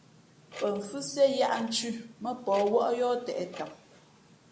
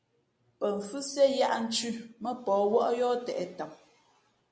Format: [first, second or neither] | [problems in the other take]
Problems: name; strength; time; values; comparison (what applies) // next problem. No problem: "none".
second | background sound (Clock); 19 dB below the speech